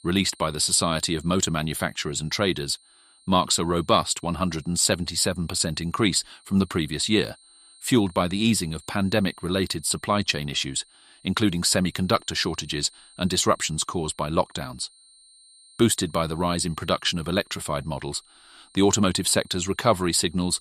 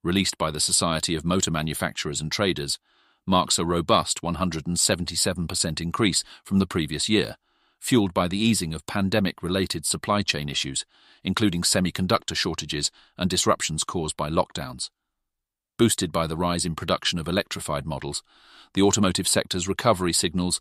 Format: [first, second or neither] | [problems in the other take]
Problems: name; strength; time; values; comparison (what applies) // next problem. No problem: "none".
second | high-pitched whine; faint; throughout; 9 kHz, 25 dB below the speech